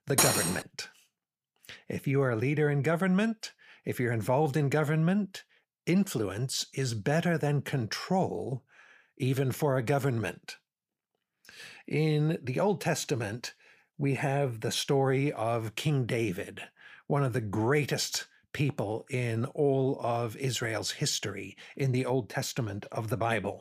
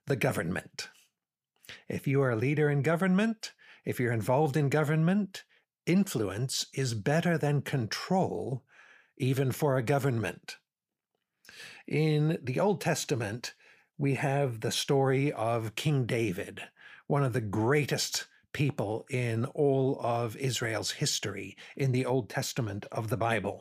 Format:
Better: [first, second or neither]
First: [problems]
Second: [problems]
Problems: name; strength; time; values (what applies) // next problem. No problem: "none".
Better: second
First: clattering dishes; loud; at the start; peak 6 dB above the speech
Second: none